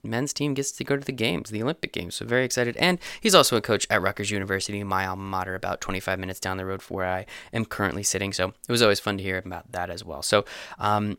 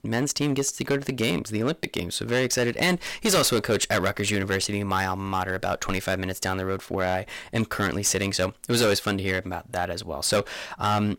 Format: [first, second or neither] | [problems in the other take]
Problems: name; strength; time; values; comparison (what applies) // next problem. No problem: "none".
first | distortion; heavy; 8% of the sound clipped